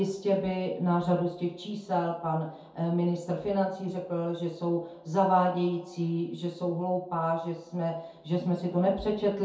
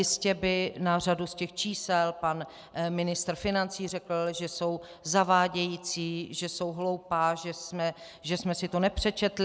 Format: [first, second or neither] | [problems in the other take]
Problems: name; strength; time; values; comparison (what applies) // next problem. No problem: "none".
second | room echo; dies away in 0.6 s